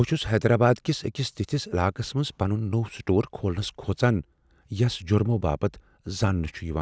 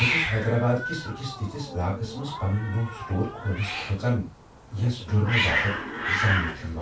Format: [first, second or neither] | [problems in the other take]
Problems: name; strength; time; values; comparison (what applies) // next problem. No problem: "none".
first | background sound (Hiss); 4 dB below the speech // room echo; dies away in 0.2 s